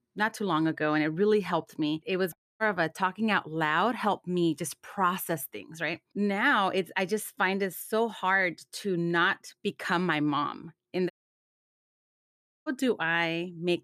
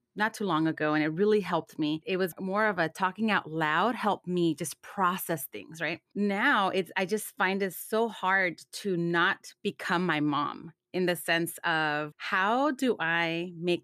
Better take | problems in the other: second | audio cutting out; at 2.5 s and at 11 s for 1.5 s

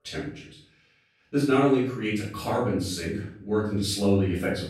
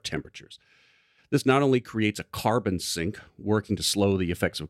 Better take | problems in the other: second | off-mic speech; far // room echo; noticeable; dies away in 0.5 s

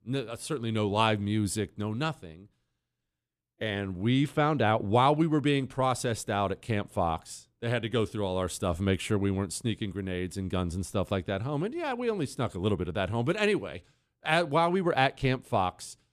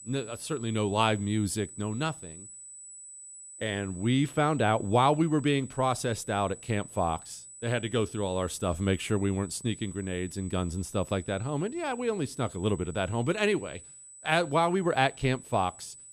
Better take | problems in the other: first | high-pitched whine; noticeable; throughout; 8 kHz, 15 dB below the speech

